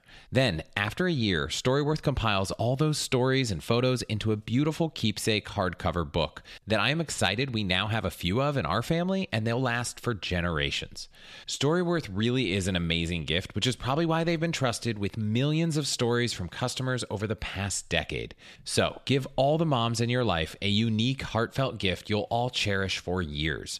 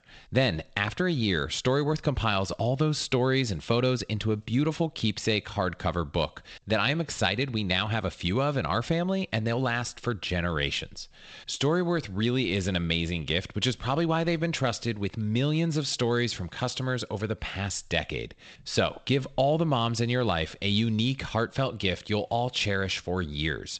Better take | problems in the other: first | garbled, watery; slightly; nothing above 8 kHz

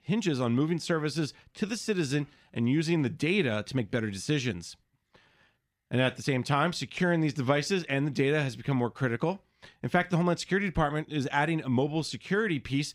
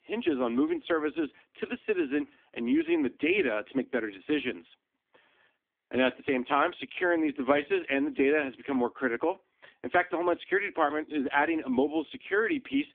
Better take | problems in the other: first | phone-call audio; nothing above 3.5 kHz

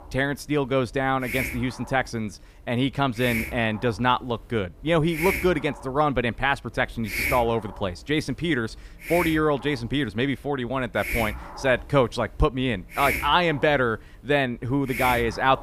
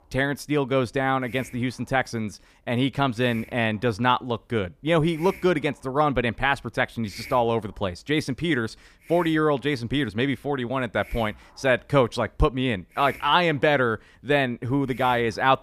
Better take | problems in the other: second | hiss; loud; throughout; 7 dB below the speech; faint in the second

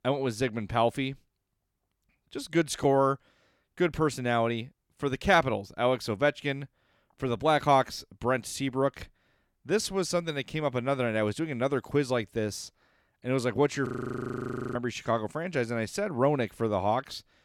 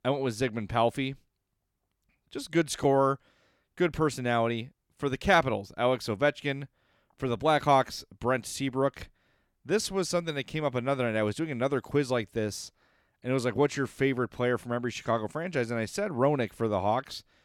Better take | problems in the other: second | audio freezing; at 14 s for 1 s

